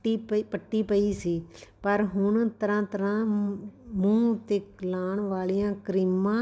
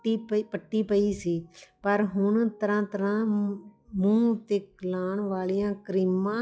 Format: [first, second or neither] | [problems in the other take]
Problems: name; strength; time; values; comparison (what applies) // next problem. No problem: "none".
first | noise reduction (classical method log-MMSE)